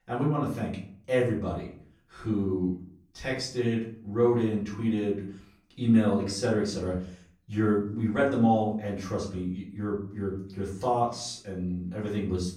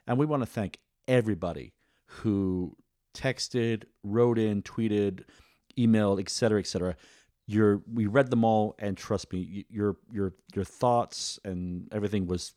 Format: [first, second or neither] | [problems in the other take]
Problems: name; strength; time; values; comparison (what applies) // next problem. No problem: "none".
second | off-mic speech; far // room echo; slight; dies away in 0.4 s